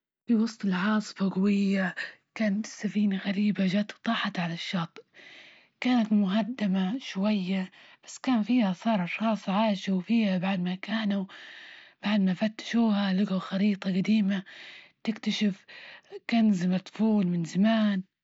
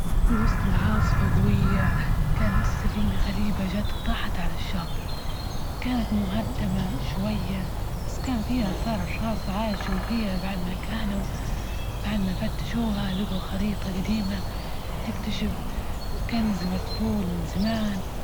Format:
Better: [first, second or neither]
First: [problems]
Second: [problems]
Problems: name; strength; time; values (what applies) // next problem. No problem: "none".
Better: first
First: none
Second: background sound (Bird vocalization, bird call, bird song); 4 dB above the speech